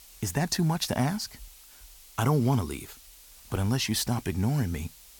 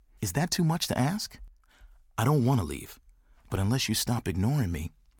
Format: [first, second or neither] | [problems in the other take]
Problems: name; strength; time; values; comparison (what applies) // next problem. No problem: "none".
second | hiss; faint; throughout; 20 dB below the speech